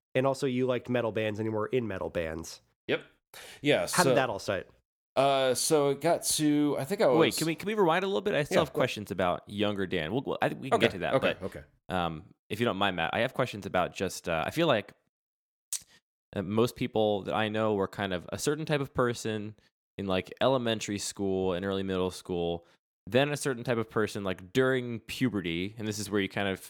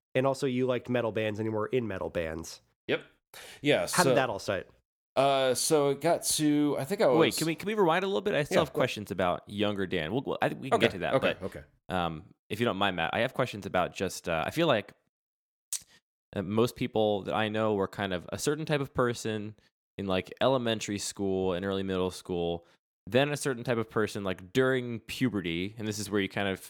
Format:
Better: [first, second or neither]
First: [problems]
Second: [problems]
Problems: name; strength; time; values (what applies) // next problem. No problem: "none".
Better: neither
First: none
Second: none